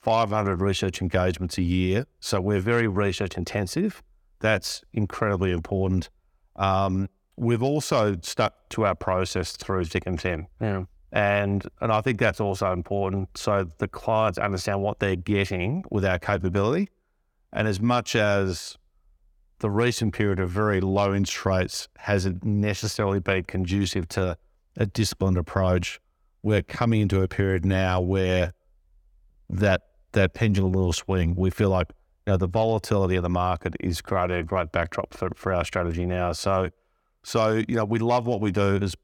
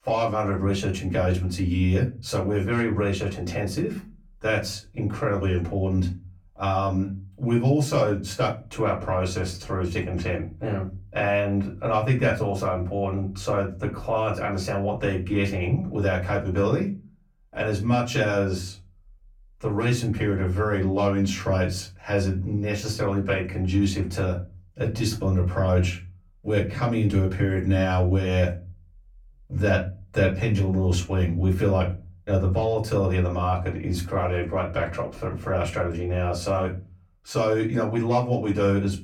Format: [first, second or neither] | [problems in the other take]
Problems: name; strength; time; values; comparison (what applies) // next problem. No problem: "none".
first | off-mic speech; far // room echo; very slight; dies away in 0.3 s